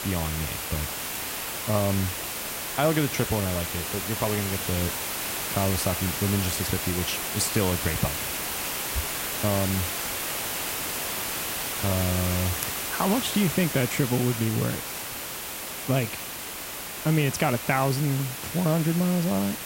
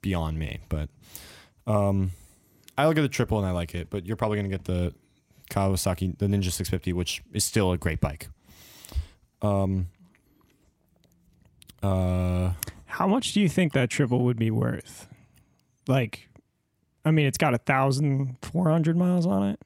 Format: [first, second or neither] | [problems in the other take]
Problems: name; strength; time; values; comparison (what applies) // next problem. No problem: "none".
second | hiss; loud; throughout; 2 dB below the speech